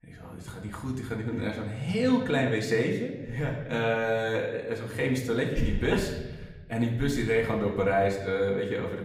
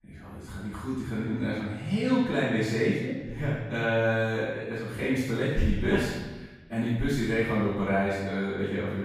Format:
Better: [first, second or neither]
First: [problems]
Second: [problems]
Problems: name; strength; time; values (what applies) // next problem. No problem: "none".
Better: first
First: room echo; slight; dies away in 1.1 s // off-mic speech; far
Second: room echo; strong; dies away in 1.1 s // off-mic speech; far